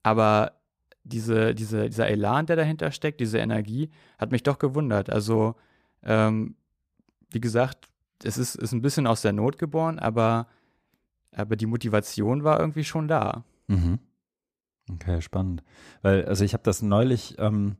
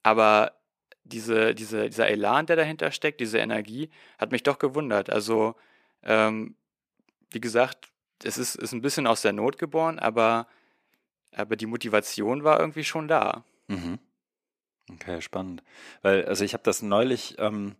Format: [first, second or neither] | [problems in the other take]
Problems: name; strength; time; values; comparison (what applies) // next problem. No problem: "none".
first | thin; somewhat; fading below 300 Hz